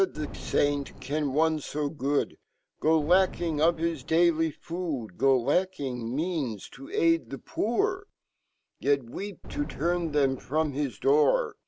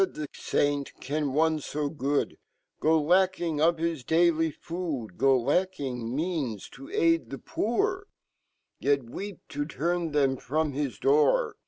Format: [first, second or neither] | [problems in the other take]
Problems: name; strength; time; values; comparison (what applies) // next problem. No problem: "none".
second | background sound (Boom); 15 dB below the speech